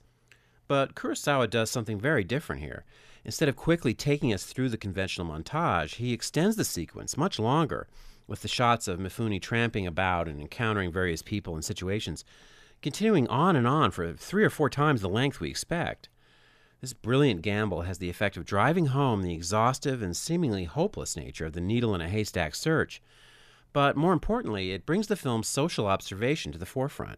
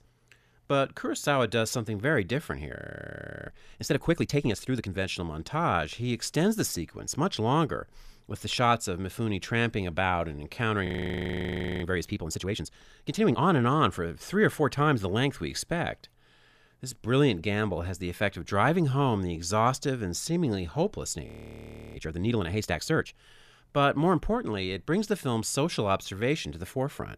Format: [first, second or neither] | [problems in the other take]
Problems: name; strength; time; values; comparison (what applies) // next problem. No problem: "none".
first | audio freezing; at 3 s for 0.5 s, at 11 s for 1 s and at 21 s for 0.5 s